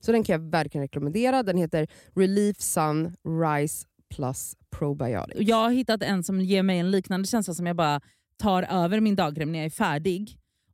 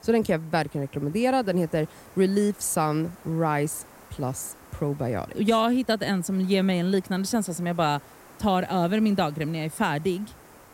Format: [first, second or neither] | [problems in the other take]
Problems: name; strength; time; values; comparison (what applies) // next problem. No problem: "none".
first | hiss; faint; throughout; 25 dB below the speech